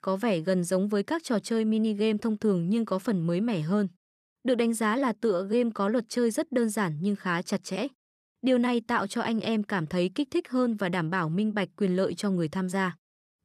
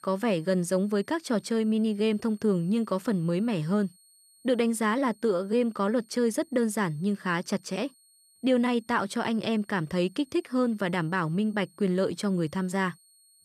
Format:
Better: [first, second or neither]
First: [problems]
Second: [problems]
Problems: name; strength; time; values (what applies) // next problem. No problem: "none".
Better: first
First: none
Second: high-pitched whine; faint; throughout; 8.5 kHz, 30 dB below the speech